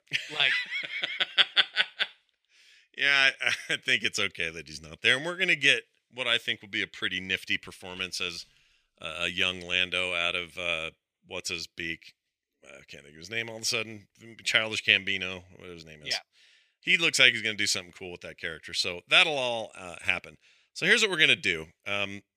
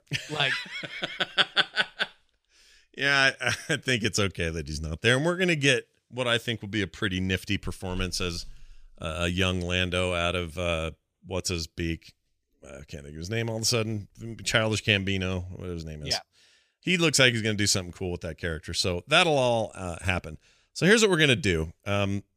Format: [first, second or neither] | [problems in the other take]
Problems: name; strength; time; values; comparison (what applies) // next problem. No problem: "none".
second | thin; somewhat; fading below 350 Hz